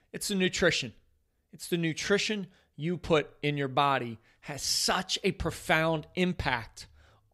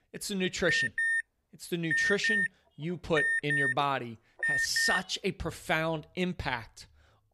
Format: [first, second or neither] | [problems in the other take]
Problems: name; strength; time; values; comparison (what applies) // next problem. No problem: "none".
first | alarm; loud; from 0.5 to 5 s; peak 6 dB above the speech